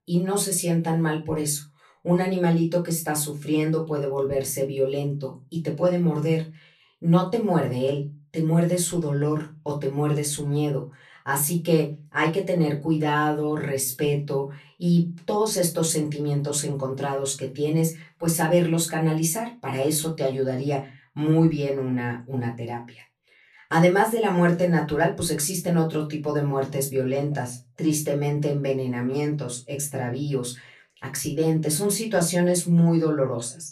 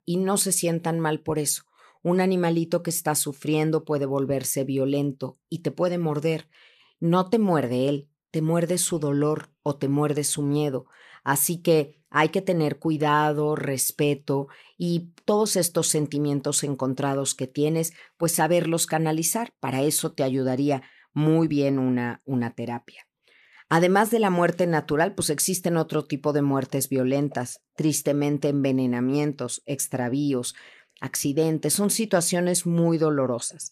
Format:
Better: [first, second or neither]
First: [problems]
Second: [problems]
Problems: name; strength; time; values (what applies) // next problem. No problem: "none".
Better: second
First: off-mic speech; far // room echo; very slight; dies away in 0.2 s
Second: none